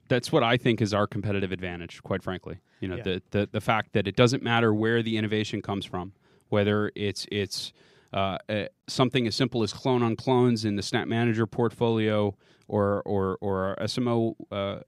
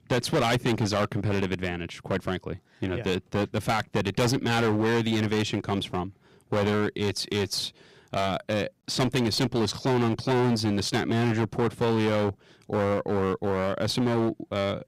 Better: first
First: none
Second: distortion; heavy; 18% of the sound clipped

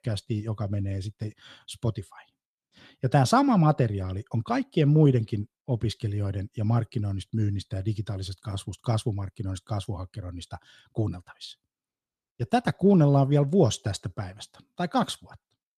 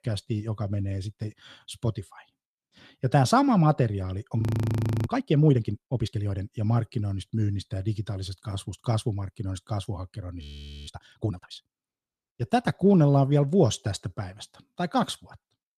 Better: first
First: none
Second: audio freezing; at 4.5 s for 0.5 s and at 10 s

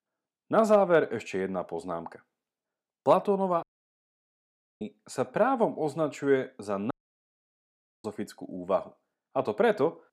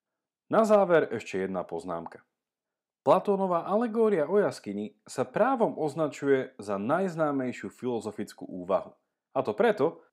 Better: second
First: audio cutting out; at 3.5 s for 1 s and at 7 s for 1 s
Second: none

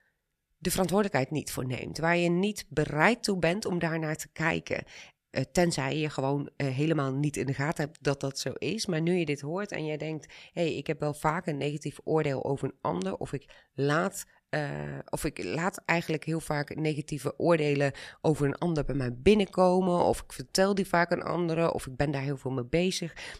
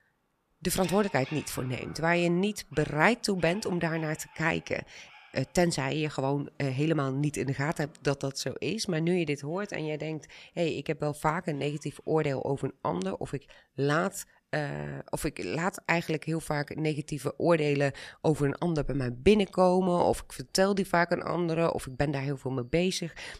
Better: first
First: none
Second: animal sounds; faint; throughout; 20 dB below the speech

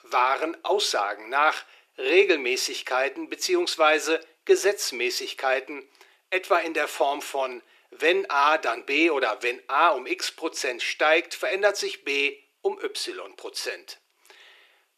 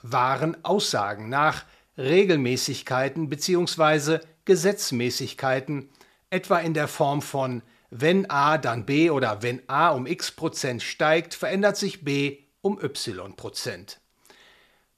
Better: second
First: thin; very; fading below 350 Hz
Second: none

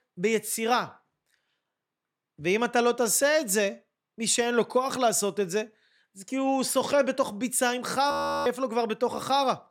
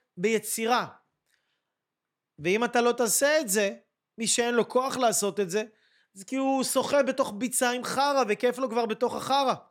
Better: second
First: audio freezing; at 8 s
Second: none

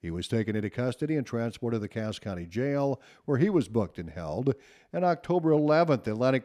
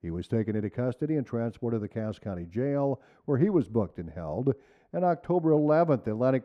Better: first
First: none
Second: muffled; slightly; fading above 2 kHz

